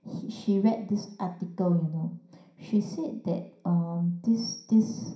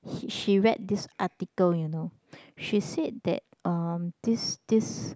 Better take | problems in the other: second | room echo; dies away in 0.5 s

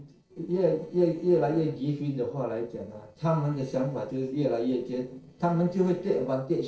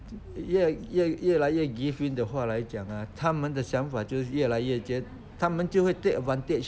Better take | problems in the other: second | noise reduction (neural separator model SepFormer DNS4)

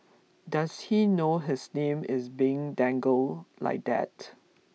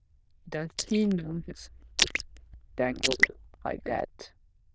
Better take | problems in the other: first | noise reduction (neural diffusion model UNIVERSE++)

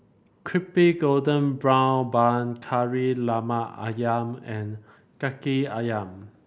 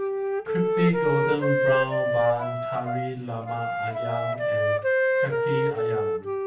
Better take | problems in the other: first | background sound (Wind instrument, woodwind instrument); 4 dB above the speech // room echo; dies away in 0.4 s

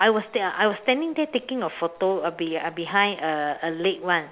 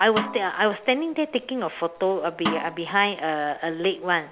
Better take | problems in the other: first | background sound (Snare drum); 9 dB below the speech

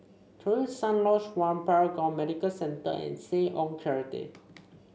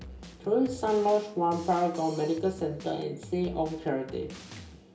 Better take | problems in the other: first | background sound (Drum kit); 17 dB below the speech // room echo; dies away in 0.2 s

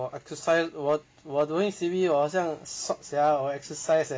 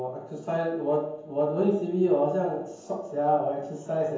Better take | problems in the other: first | room echo; dies away in 0.9 s

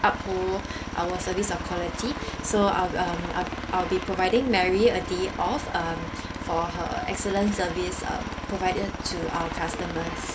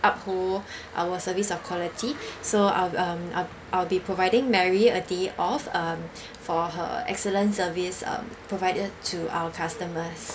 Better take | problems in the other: second | background sound (Aircraft); 6 dB below the speech

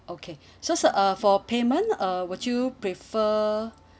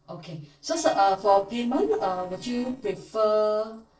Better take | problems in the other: first | noise reduction (neural separator model SepFormer DNS4)

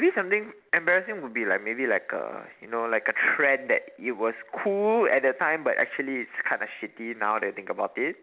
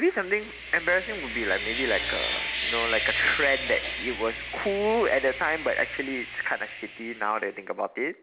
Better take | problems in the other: first | background sound (Sawing); 6 dB below the speech

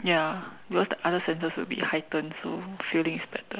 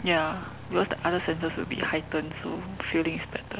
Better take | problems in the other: first | background sound (Aircraft); 13 dB below the speech

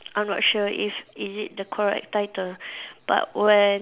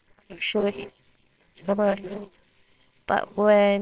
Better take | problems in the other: first | noise reduction (neural separator model SepFormer WHAMR!)

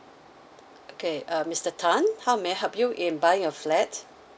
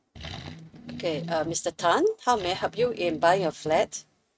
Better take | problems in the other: first | noise reduction (neural mask model RNNoise)

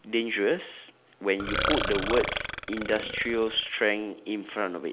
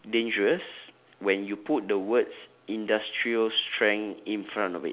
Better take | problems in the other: second | background sound (Burping, eructation); 3 dB below the speech

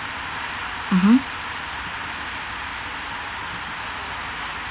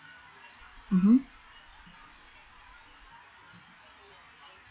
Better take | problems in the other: first | noise reduction (classical method log-MMSE)

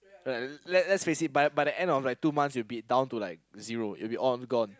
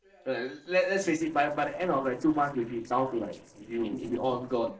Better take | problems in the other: first | noise reduction (neural separator model SepFormer DNS4)

